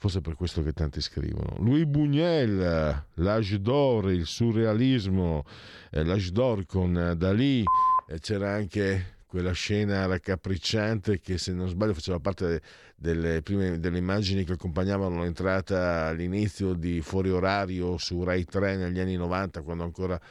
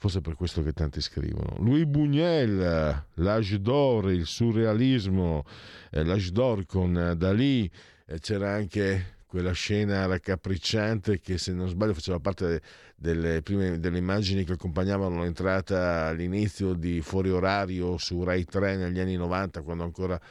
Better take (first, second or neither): second